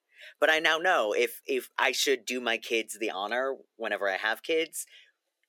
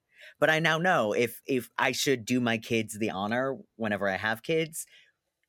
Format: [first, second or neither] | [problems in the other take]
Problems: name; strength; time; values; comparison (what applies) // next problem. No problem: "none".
second | thin; somewhat; fading below 350 Hz